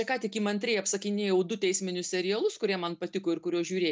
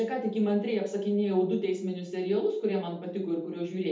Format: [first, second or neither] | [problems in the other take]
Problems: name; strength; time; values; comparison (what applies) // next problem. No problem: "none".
first | room echo; dies away in 0.6 s